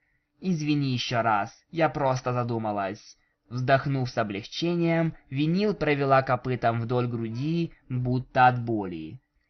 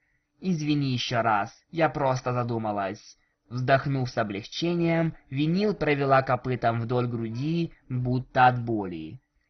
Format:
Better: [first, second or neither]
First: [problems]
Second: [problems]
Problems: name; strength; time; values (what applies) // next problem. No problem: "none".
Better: first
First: garbled, watery; slightly; nothing above 6 kHz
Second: garbled, watery; badly; nothing above 6 kHz